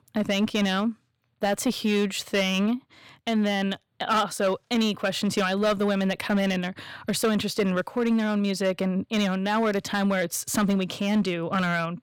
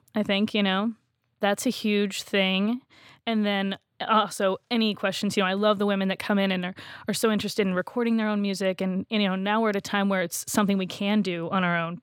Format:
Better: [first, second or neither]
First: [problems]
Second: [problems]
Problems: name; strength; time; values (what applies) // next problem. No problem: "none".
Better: second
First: distortion; slight; 5% of the sound clipped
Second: none